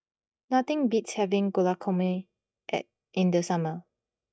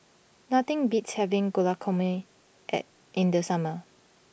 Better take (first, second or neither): second